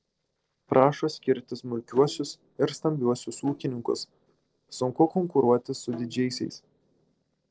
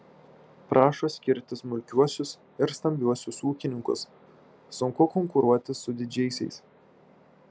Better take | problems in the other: second | noise reduction (neural separator model SepFormer DNS4)

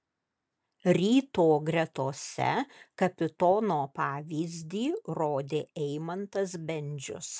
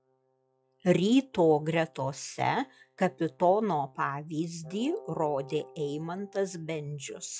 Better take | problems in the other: first | noise reduction (classical method log-MMSE)

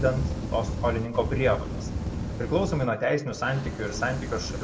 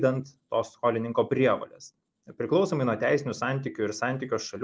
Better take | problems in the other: second | background sound (Fire); 4 dB below the speech // room echo; dies away in 1 s

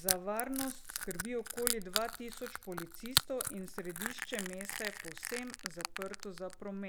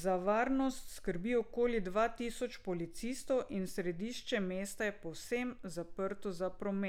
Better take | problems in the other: second | background sound (Crushing); 1 dB above the speech

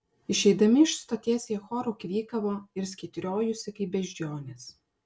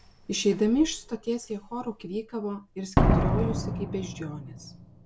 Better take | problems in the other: first | background sound (Slam); 1 dB above the speech

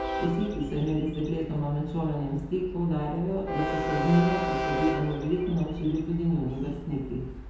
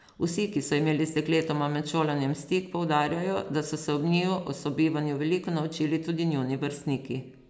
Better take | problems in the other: second | background sound (Train); 6 dB below the speech // room echo; dies away in 1 s

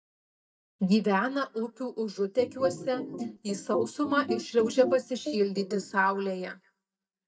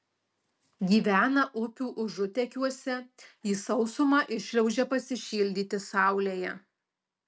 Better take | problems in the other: second | noise reduction (neural mask model DeepFilterNet 3)

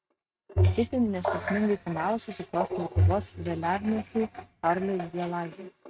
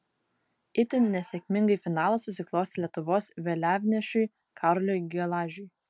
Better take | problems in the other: second | noise reduction (neural mask model RNNoise)

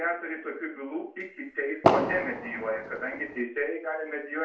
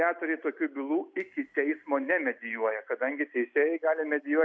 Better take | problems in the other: second | background sound (Fireworks); 4 dB above the speech // room echo; dies away in 0.3 s

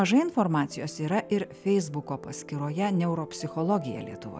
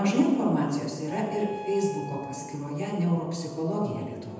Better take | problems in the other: first | background sound (Wind instrument, woodwind instrument); 16 dB below the speech // room echo; dies away in 1 s

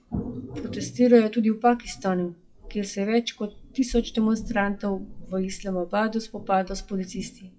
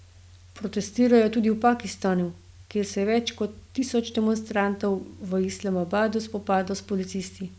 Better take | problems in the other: second | noise reduction (classical method WPE with log-MMSE)

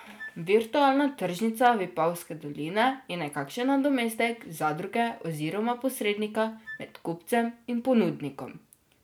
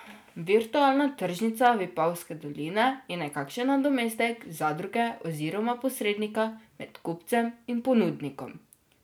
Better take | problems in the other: second | background sound (Wind instrument, woodwind instrument); 19 dB below the speech

